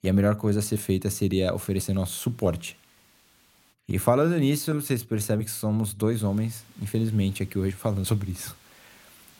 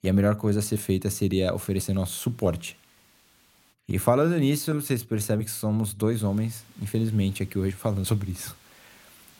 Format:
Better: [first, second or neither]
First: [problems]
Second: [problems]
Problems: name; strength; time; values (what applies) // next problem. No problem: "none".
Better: neither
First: hiss; faint; from 1.5 to 3.5 s and from 6 s on; 30 dB below the speech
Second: hiss; faint; from 1.5 to 3.5 s and from 6 s on; 30 dB below the speech